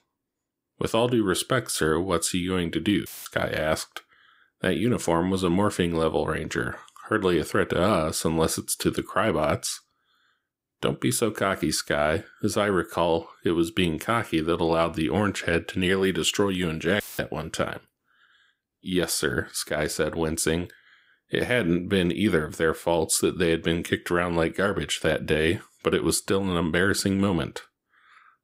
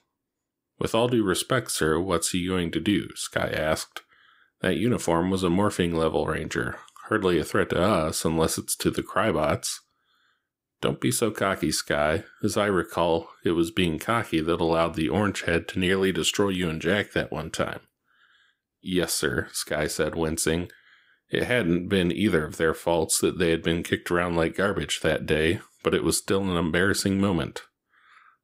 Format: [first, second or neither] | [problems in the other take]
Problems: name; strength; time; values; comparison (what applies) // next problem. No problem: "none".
second | audio cutting out; filled with static; at 3 s and at 17 s